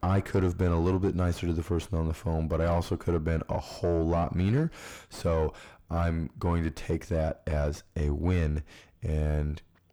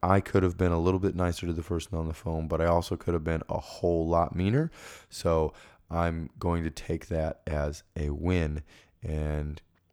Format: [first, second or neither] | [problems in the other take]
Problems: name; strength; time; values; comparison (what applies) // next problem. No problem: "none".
second | distortion; heavy; 7 dB below the speech